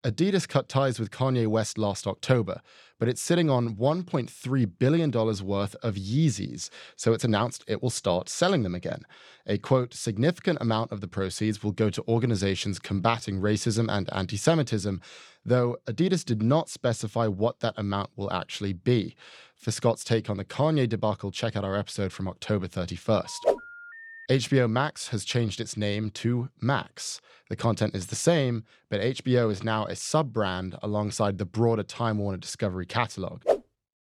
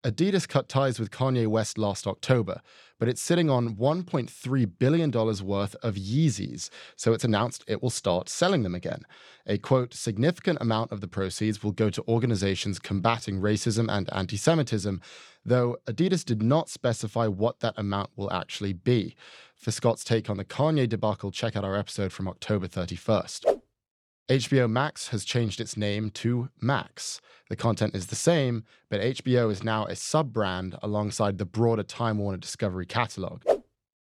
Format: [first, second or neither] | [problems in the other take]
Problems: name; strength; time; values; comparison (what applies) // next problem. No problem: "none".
second | phone ringing; faint; from 23 to 24 s; peak 15 dB below the speech